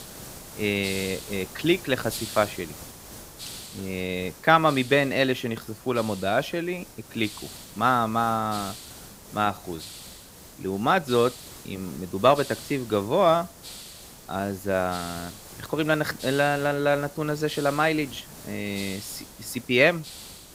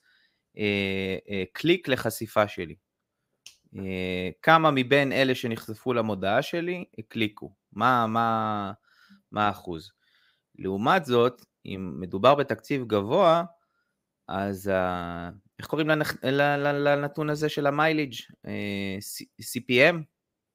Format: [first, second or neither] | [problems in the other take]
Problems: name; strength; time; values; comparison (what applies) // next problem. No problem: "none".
second | hiss; noticeable; throughout; 15 dB below the speech